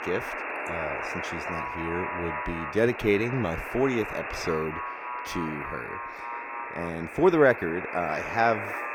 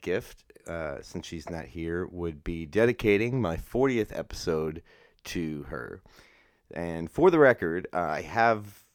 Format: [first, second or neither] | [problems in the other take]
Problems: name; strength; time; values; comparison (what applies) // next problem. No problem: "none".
second | alarms or sirens; loud; throughout; 6 dB below the speech